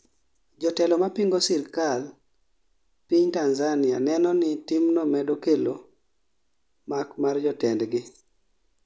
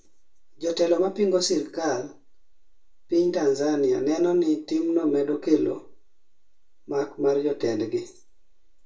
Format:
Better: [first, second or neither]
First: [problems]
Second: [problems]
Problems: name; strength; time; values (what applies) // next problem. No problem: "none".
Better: first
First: none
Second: room echo; dies away in 0.2 s